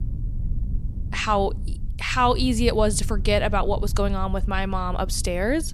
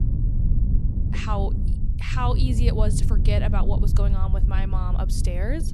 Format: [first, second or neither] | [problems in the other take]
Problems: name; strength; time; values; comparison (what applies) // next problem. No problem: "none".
first | low rumble; loud; throughout; 7 dB below the speech; faint in the first